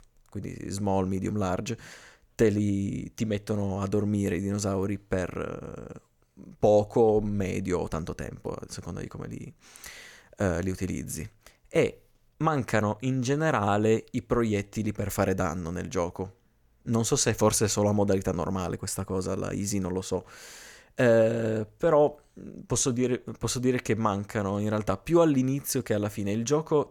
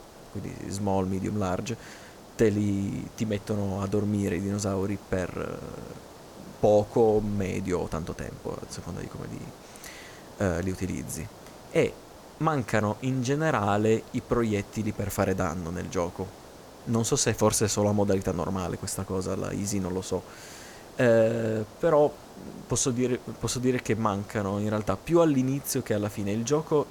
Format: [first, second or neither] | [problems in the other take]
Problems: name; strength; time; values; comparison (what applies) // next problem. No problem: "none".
first | hiss; noticeable; throughout; 20 dB below the speech